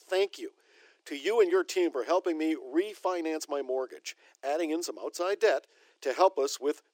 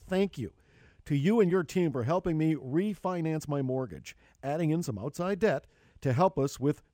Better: second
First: thin; very; fading below 350 Hz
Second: none

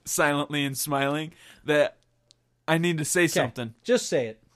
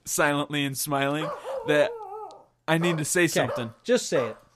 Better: first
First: none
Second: dog barking; noticeable; from 1 s on; peak 8 dB below the speech

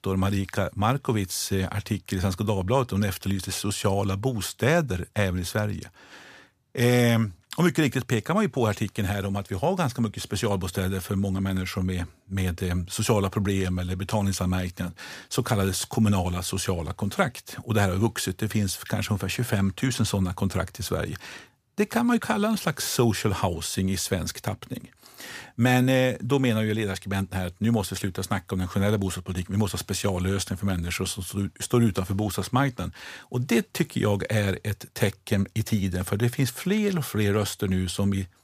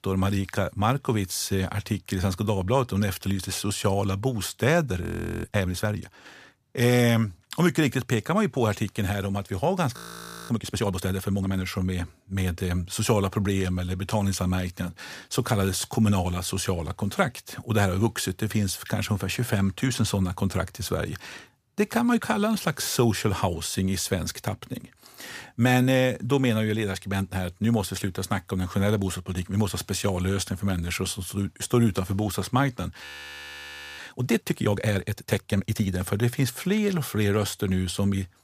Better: first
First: none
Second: audio freezing; at 5 s, at 10 s for 0.5 s and at 33 s for 1 s

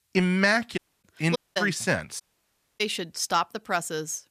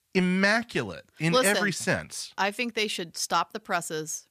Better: second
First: audio cutting out; at 1 s, at 1.5 s and at 2 s for 0.5 s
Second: none

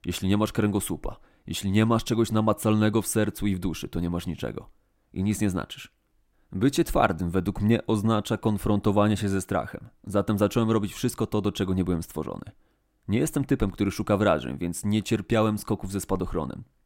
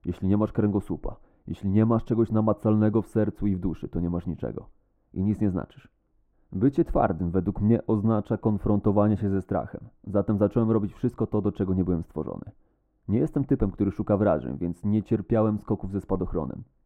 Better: first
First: none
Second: muffled; very; fading above 2 kHz

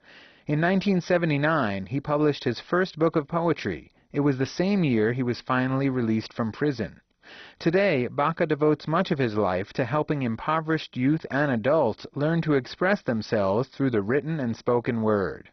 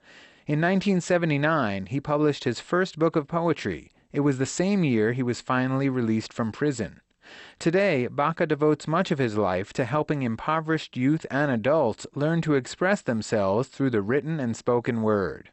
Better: second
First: garbled, watery; badly; nothing above 6 kHz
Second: garbled, watery; slightly; nothing above 8 kHz

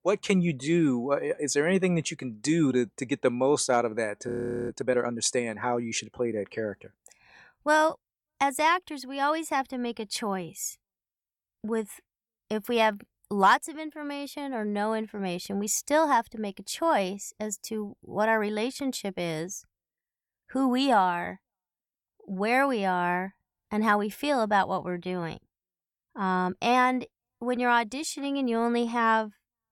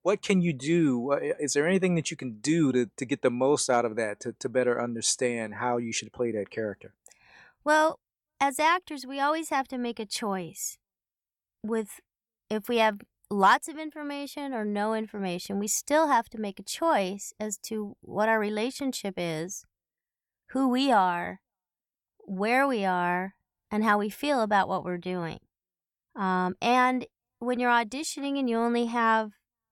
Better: second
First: audio freezing; at 4.5 s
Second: none

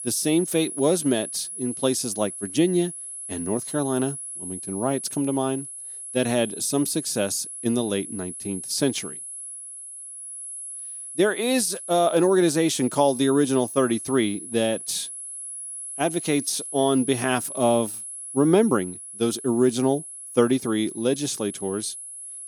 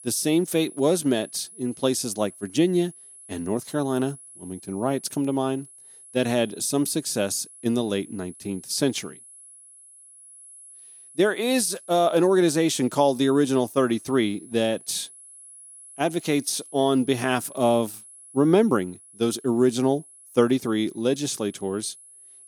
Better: second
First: high-pitched whine; loud; throughout; 10.5 kHz, 9 dB below the speech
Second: high-pitched whine; faint; throughout; 10.5 kHz, 20 dB below the speech

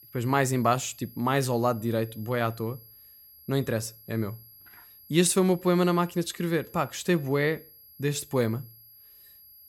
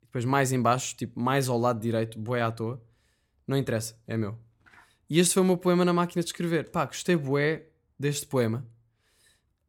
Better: second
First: high-pitched whine; faint; throughout; 11.5 kHz, 20 dB below the speech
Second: none

